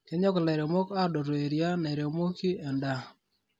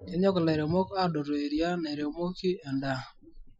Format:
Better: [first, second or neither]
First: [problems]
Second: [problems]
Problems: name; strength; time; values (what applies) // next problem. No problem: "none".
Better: first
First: none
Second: noise reduction (classical method Wiener filter)